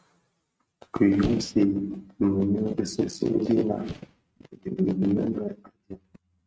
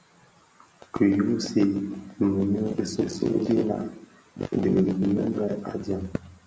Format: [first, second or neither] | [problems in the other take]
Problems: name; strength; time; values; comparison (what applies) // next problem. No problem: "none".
second | noise reduction (neural mask model RNNoise)